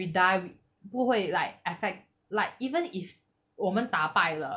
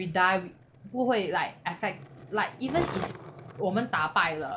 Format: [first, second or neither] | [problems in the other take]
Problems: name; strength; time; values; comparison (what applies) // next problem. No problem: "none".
first | background sound (Skateboard); 12 dB below the speech